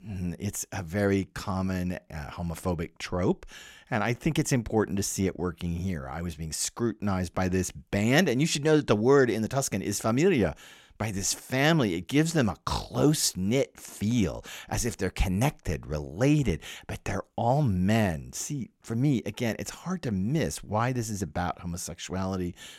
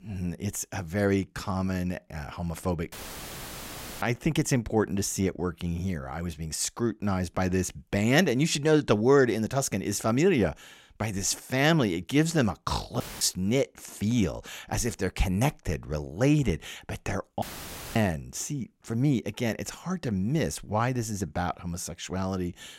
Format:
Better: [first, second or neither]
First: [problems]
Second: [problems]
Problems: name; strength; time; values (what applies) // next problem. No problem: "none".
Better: first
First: none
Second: audio cutting out; filled with static; at 3 s for 1 s, at 13 s and at 17 s for 0.5 s